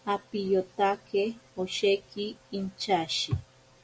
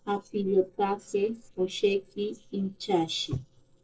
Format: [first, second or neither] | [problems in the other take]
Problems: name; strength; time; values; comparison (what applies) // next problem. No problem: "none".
first | noise reduction (neural separator model SepFormer DNS4)